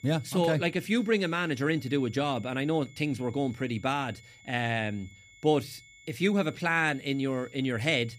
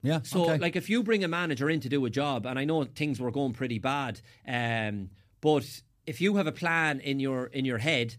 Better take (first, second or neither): second